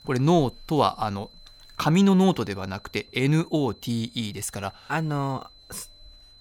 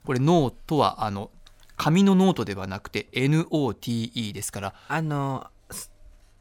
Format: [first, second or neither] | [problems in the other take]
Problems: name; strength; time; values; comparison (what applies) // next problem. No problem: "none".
second | high-pitched whine; faint; throughout; 4 kHz, 25 dB below the speech